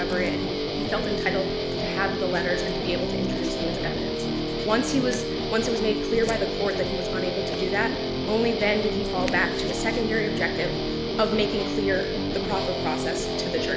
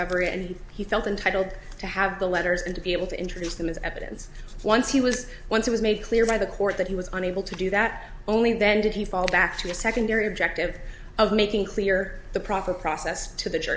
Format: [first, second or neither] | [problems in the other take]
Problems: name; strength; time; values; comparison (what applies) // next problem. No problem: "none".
second | background sound (Guitar); as loud as the speech